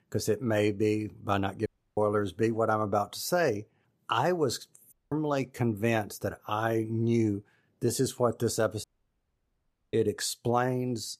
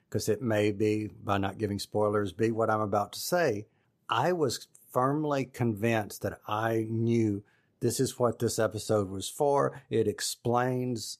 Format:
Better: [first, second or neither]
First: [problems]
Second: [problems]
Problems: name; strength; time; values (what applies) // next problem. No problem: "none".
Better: second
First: audio cutting out; at 1.5 s, at 5 s and at 9 s for 1 s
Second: none